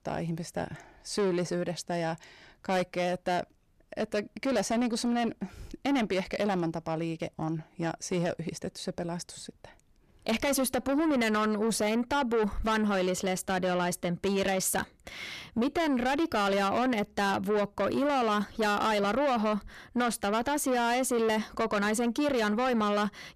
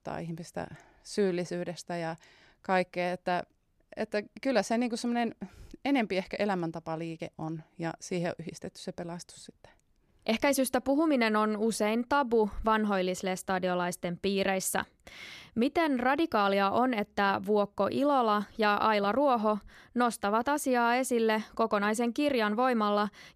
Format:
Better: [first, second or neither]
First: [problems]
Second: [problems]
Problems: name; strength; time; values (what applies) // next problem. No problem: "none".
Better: second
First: distortion; heavy; 8 dB below the speech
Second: none